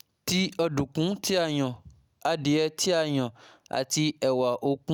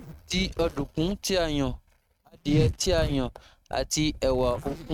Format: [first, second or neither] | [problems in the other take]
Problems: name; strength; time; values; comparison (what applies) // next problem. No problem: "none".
first | noise reduction (neural mask model RNNoise)